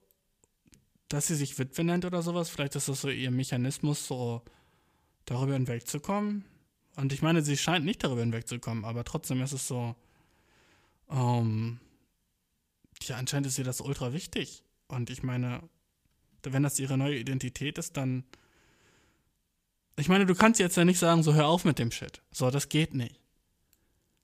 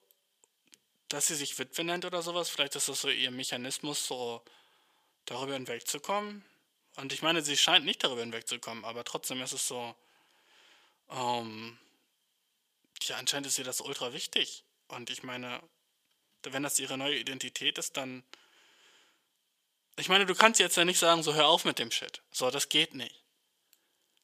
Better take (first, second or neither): first